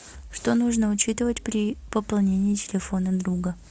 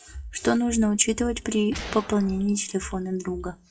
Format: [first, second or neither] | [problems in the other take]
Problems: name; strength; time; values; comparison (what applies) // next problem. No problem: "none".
first | noise reduction (classical method WPE with log-MMSE)